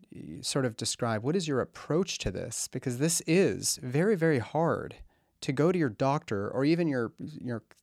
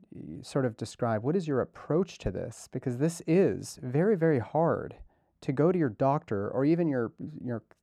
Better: first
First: none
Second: muffled; slightly; fading above 2 kHz

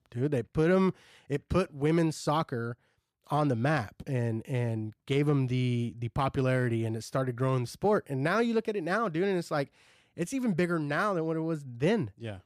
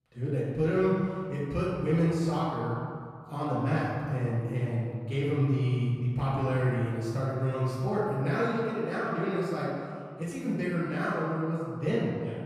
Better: first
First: none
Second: room echo; strong; dies away in 2.1 s // off-mic speech; far

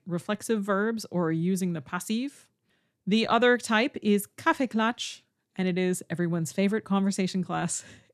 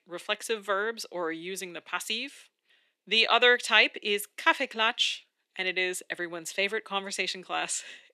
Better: first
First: none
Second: thin; very; fading below 400 Hz

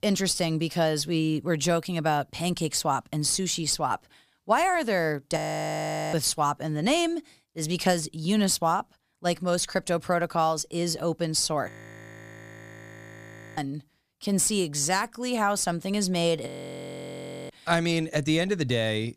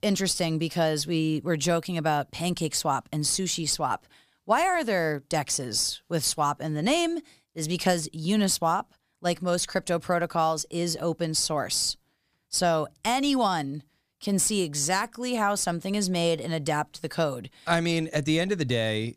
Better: second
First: audio freezing; at 5.5 s for 1 s, at 12 s for 2 s and at 16 s for 1 s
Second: none

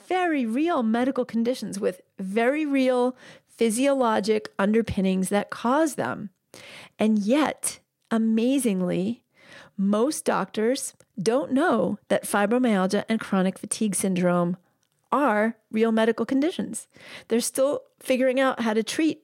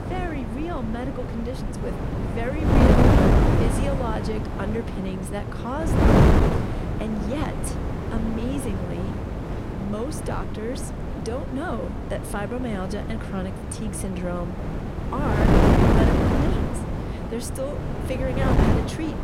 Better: first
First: none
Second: wind noise on the microphone; heavy; 4 dB above the speech

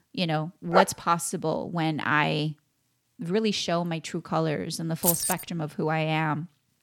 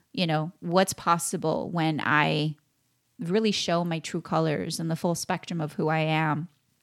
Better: second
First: dog barking; loud; at 0.5 s; peak 2 dB above the speech // jangling keys; loud; at 5 s; peak 3 dB above the speech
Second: none

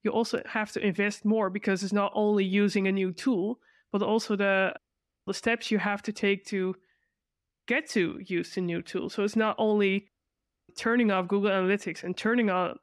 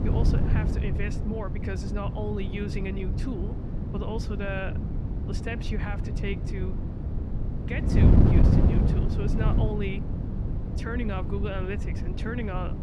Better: first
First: none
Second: wind noise on the microphone; heavy; 1 dB below the speech

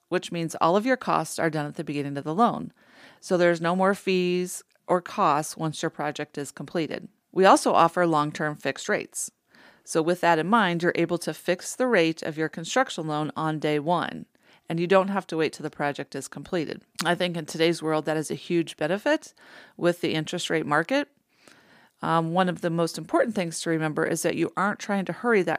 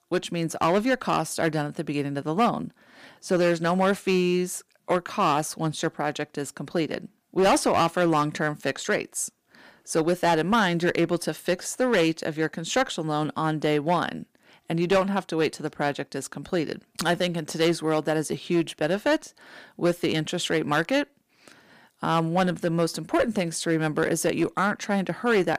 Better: first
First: none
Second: distortion; slight; 5% of the sound clipped

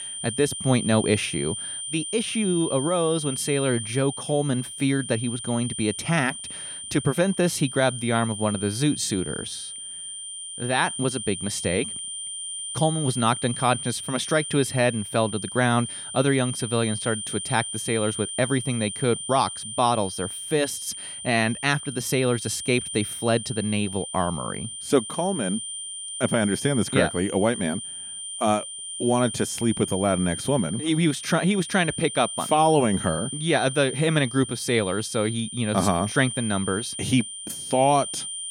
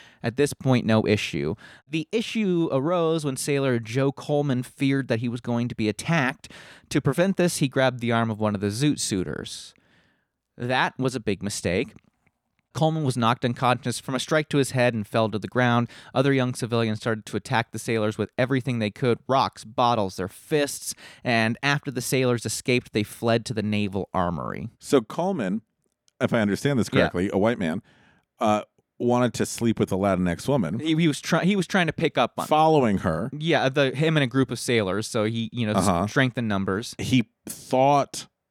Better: second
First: high-pitched whine; loud; throughout; 9 kHz, 7 dB below the speech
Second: none

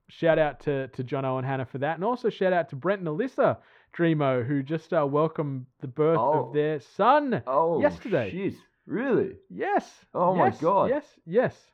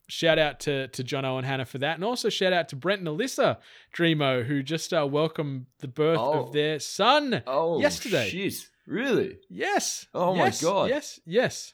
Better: second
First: muffled; very; fading above 3.5 kHz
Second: none

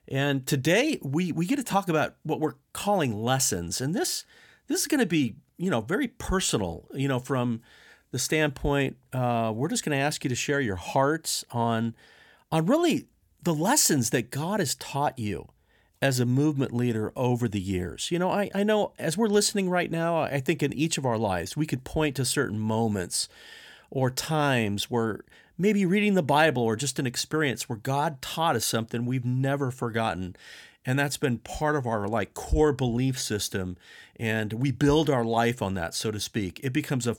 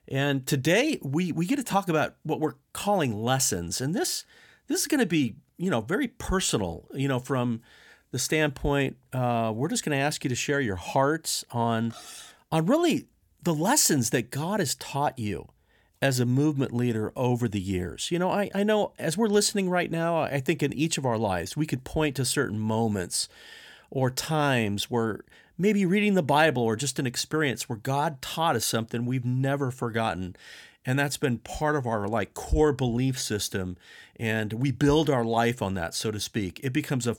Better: first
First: none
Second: clattering dishes; faint; at 12 s; peak 15 dB below the speech

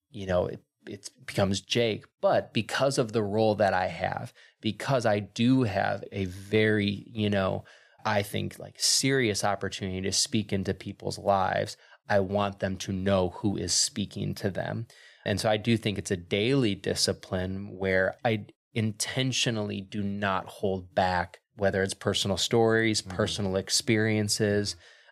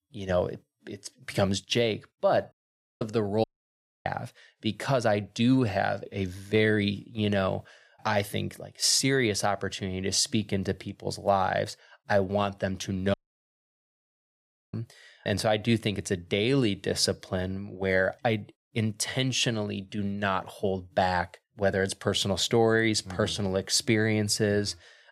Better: first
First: none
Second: audio cutting out; at 2.5 s, at 3.5 s for 0.5 s and at 13 s for 1.5 s

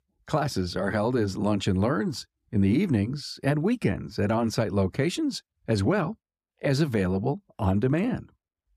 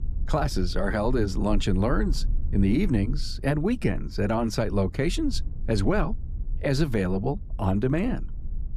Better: first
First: none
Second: low rumble; faint; throughout; 25 dB below the speech

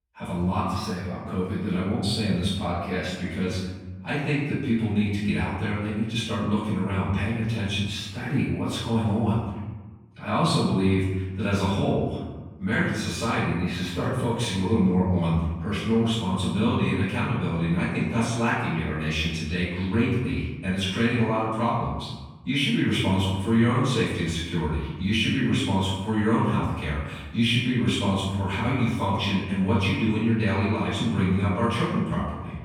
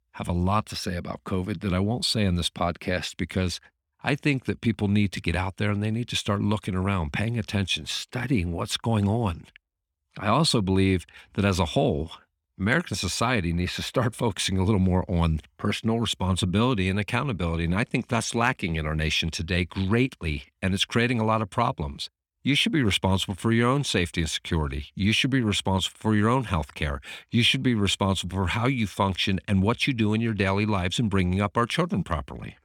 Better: second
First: off-mic speech; far // room echo; strong; dies away in 1.1 s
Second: none

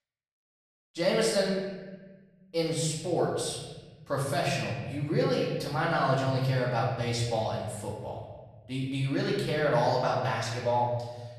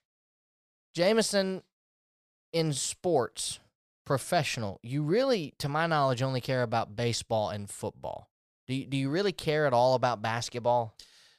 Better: second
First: off-mic speech; far // room echo; noticeable; dies away in 1.4 s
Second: none

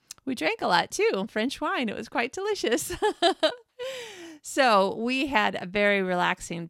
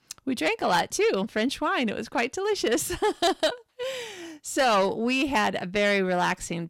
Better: first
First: none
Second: distortion; slight; 10 dB below the speech

